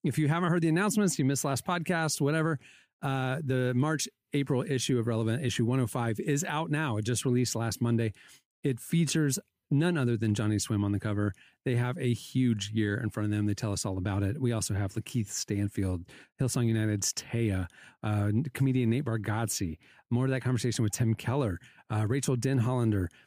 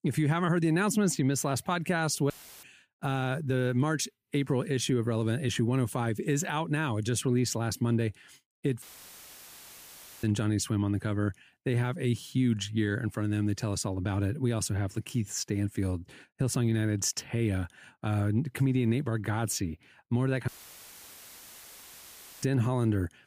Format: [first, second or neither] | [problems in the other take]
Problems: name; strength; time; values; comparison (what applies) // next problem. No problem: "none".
first | audio cutting out; filled with static; at 2.5 s, at 9 s for 1.5 s and at 20 s for 2 s